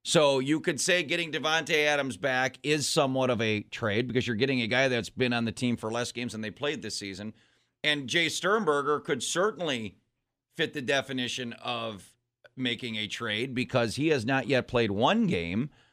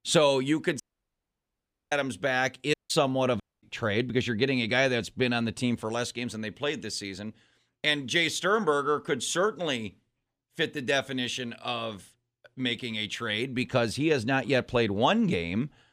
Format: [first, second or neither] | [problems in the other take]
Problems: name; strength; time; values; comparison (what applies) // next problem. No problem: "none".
first | audio cutting out; at 1 s for 1 s, at 2.5 s and at 3.5 s